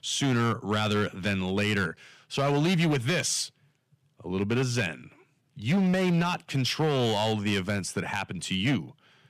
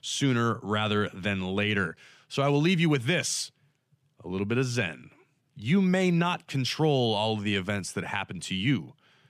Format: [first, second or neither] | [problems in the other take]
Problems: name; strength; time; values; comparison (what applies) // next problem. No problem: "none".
second | distortion; slight; 9% of the sound clipped